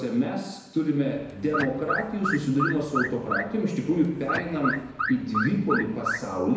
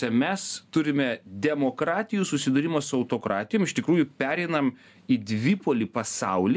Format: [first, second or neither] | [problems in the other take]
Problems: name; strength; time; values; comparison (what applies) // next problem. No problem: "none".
second | background sound (Alarm / Car); 4 dB below the speech // room echo; dies away in 0.9 s